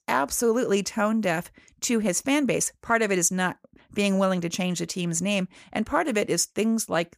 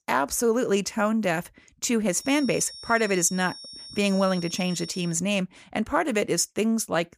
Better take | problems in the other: first | high-pitched whine; noticeable; from 2 to 5 s; 5.5 kHz, 15 dB below the speech

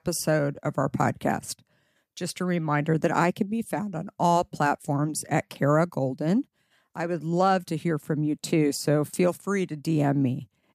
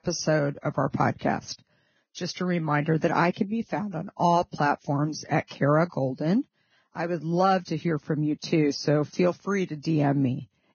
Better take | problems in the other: first | garbled, watery; badly; nothing above 6.5 kHz

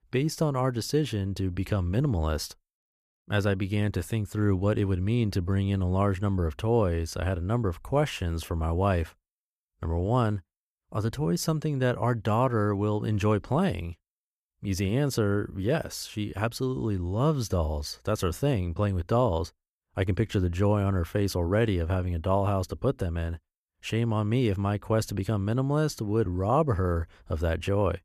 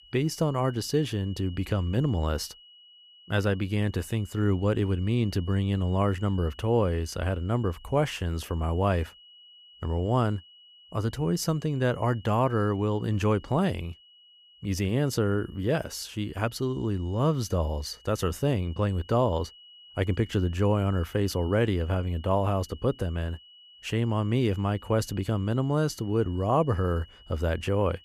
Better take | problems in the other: first | high-pitched whine; faint; throughout; 3 kHz, 25 dB below the speech

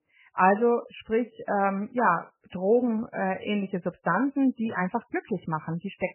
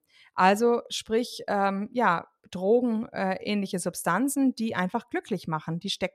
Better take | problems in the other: second | garbled, watery; badly; nothing above 3 kHz

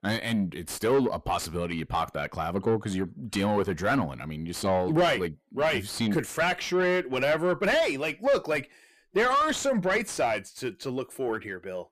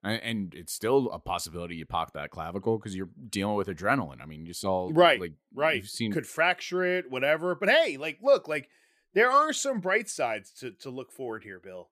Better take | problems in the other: second | distortion; heavy; 6 dB below the speech

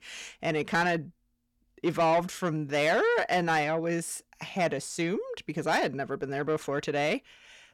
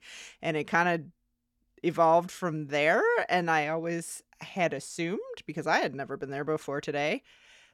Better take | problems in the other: second | distortion; slight; 10 dB below the speech

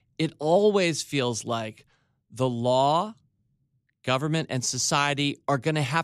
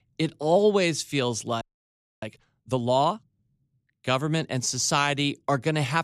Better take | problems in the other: first | audio freezing; at 1.5 s for 0.5 s

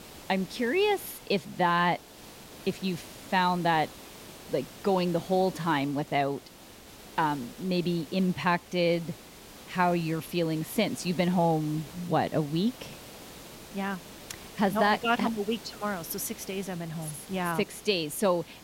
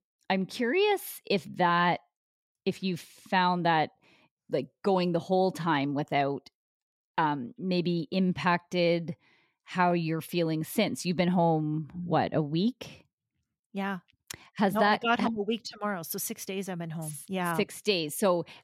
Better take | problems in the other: second | hiss; noticeable; throughout; 15 dB below the speech

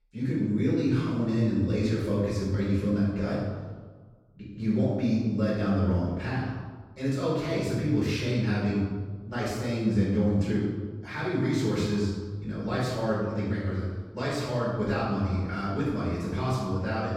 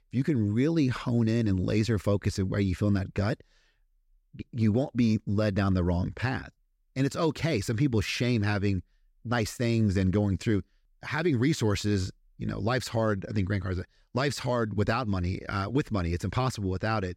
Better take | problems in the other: second | off-mic speech; far // room echo; strong; dies away in 1.2 s

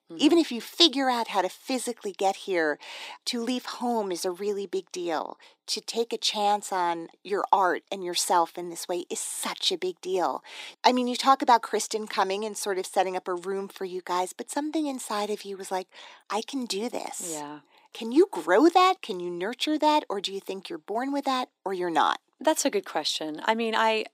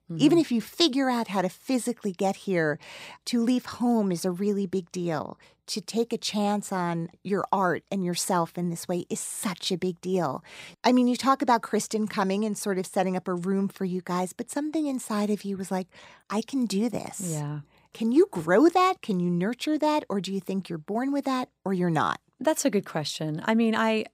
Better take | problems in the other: second | thin; somewhat; fading below 300 Hz

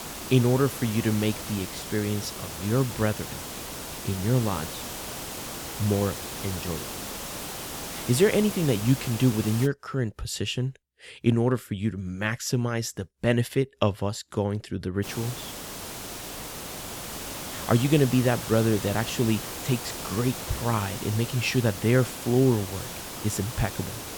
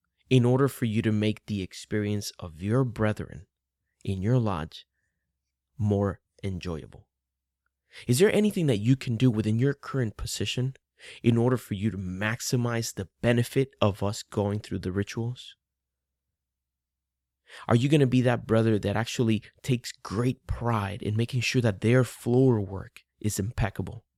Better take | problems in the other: second | hiss; loud; until 9.5 s and from 15 s on; 8 dB below the speech

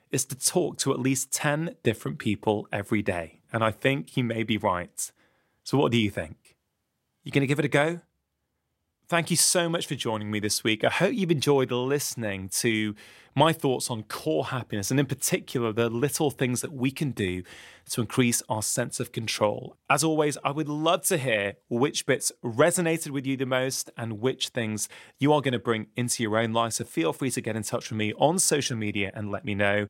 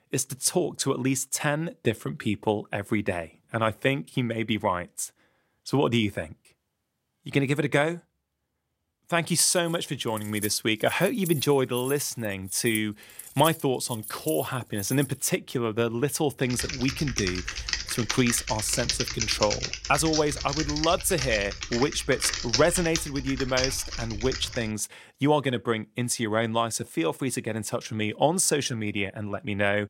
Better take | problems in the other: first | jangling keys; noticeable; from 9.5 to 15 s; peak 8 dB below the speech // keyboard typing; loud; from 17 to 25 s; peak 1 dB above the speech

